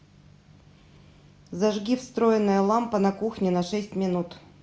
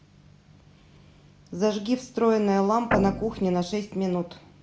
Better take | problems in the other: first | background sound (Guitar); 4 dB below the speech

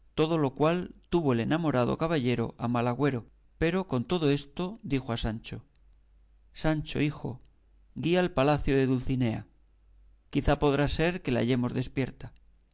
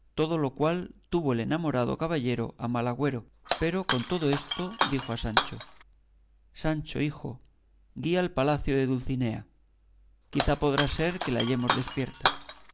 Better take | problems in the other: first | background sound (Shatter); 3 dB below the speech

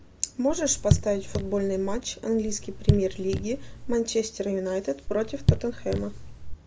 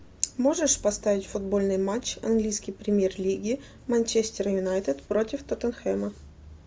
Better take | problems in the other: second | background sound (Raindrop / Drip); as loud as the speech

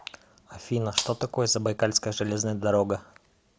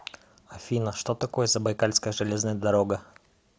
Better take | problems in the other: second | background sound (Gunshot, gunfire); 8 dB below the speech

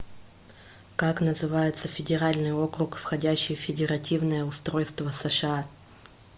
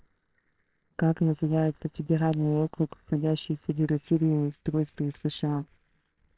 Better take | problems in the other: first | noise reduction (neural separator model SepFormer WHAMR!)

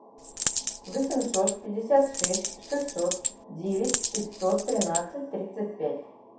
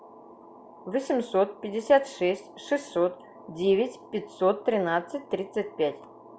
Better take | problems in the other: second | background sound (Coin (dropping)); 3 dB below the speech // room echo; dies away in 0.7 s

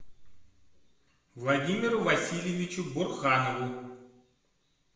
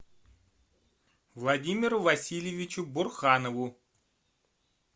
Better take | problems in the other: second | room echo; dies away in 1 s

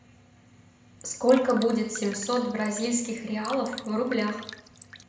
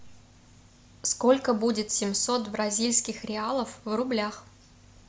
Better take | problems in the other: second | background sound (Drip); 16 dB below the speech // room echo; dies away in 0.7 s

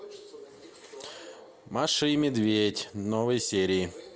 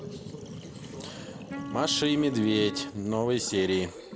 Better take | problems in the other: first | background sound (Wind instrument, woodwind instrument + Sink (filling or washing)); 10 dB below the speech

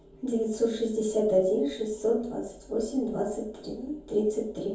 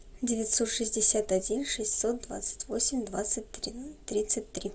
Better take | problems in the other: second | room echo; dies away in 0.6 s

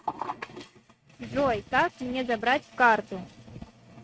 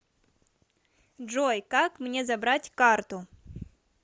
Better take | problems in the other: second | noise reduction (neural mask model RNNoise)

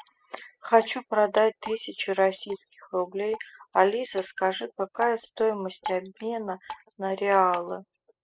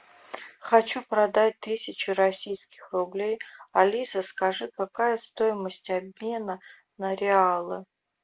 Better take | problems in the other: second | noise reduction (classical method spectral subtraction)

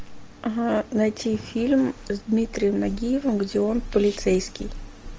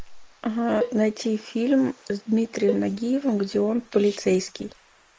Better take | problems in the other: first | noise reduction (neural mask model Resemble Enhance denoiser)

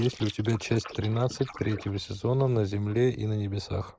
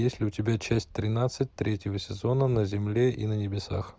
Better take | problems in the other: second | noise reduction (neural mask model Resemble Enhance denoiser)

